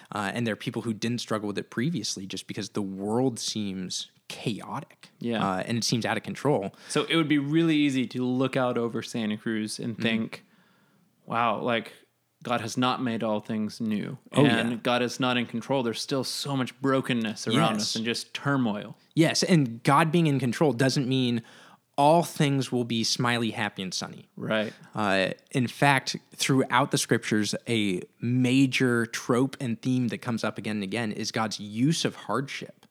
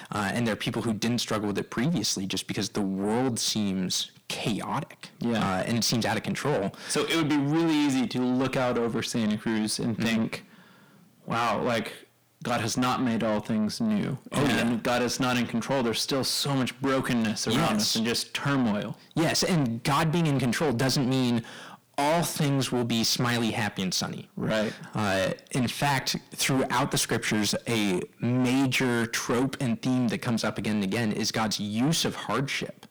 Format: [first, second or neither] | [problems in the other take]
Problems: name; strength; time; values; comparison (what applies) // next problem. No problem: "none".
first | distortion; heavy; 6 dB below the speech